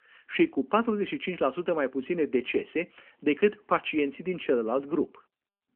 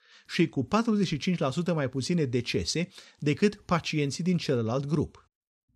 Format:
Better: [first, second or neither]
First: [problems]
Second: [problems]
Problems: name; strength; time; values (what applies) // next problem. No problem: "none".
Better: second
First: phone-call audio; nothing above 3 kHz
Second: none